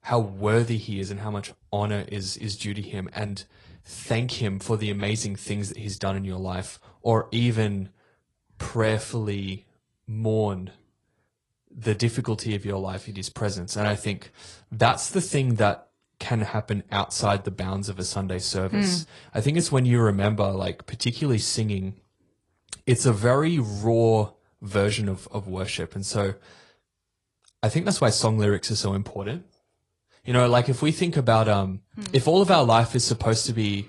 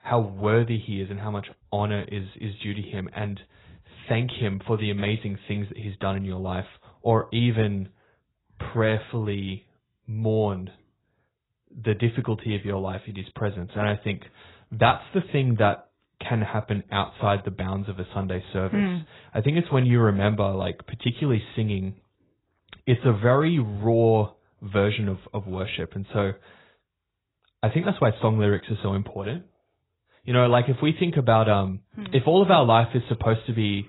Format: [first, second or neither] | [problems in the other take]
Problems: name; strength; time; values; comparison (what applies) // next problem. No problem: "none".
first | garbled, watery; badly; nothing above 4 kHz; slightly in the first